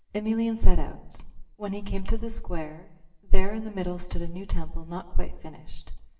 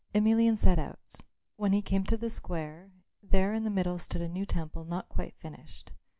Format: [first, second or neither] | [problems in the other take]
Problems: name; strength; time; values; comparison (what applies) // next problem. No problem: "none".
second | room echo; dies away in 0.8 s